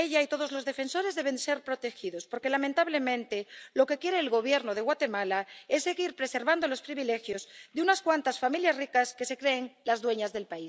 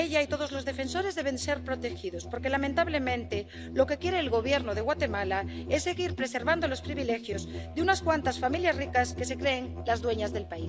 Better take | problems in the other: first | background sound (Musical instrument); 8 dB below the speech

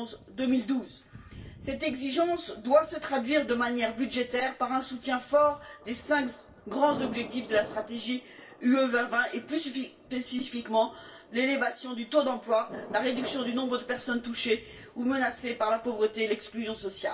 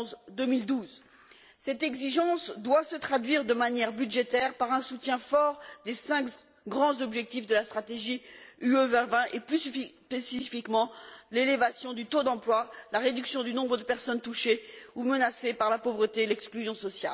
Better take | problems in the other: second | background sound (Thunder); 18 dB below the speech // room echo; dies away in 0.2 s

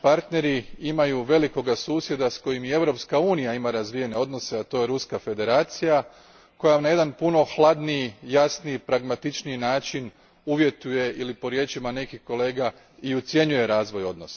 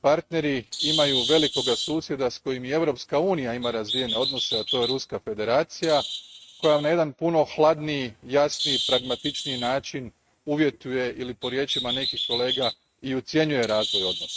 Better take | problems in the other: first | noise reduction (neural mask model RNNoise)

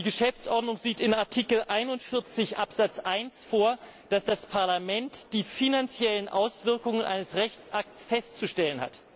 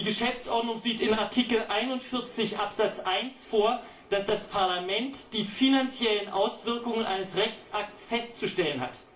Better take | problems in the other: first | room echo; dies away in 0.4 s

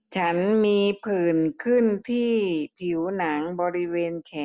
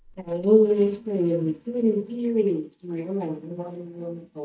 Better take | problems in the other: first | noise reduction (neural mask model DeepFilterNet 3)

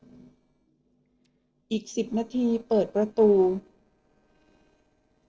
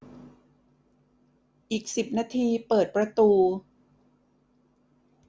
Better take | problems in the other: second | noise reduction (neural separator model SepFormer DNS4)

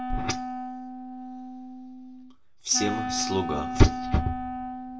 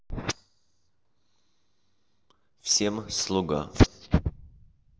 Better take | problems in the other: second | background sound (Wind instrument, woodwind instrument); 6 dB below the speech // room echo; dies away in 0.2 s

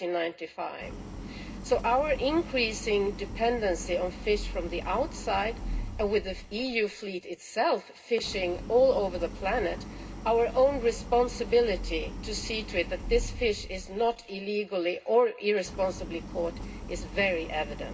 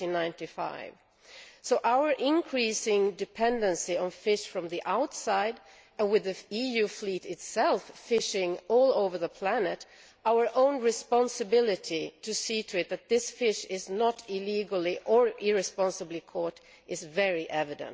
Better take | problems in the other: second | background sound (Idling); 10 dB below the speech // room echo; dies away in 0.2 s

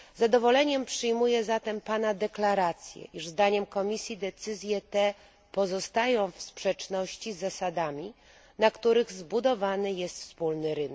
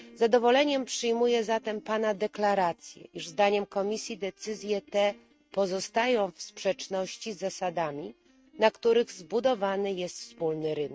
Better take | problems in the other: first | noise reduction (neural mask model RNNoise)

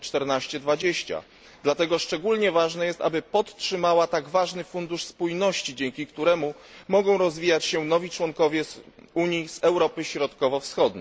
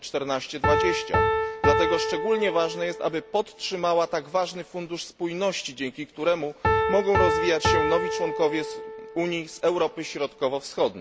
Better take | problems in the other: first | background sound (Piano); 1 dB below the speech

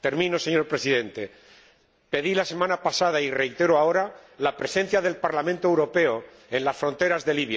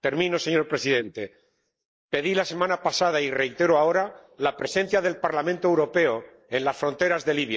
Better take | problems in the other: first | noise reduction (neural mask model Resemble Enhance denoiser)

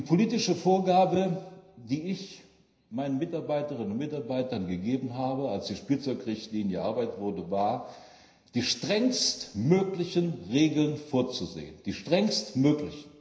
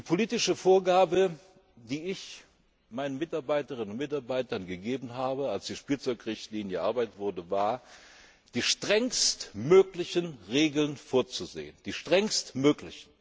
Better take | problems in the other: second | room echo; dies away in 0.9 s

